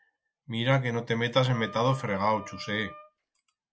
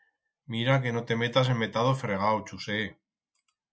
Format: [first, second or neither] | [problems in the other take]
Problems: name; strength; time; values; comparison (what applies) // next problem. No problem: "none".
second | background sound (Wind instrument, woodwind instrument); 16 dB below the speech